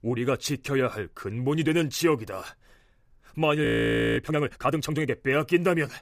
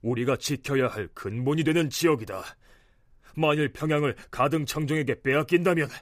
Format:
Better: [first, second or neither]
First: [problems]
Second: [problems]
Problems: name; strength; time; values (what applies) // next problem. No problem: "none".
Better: second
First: audio freezing; at 3.5 s for 0.5 s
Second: none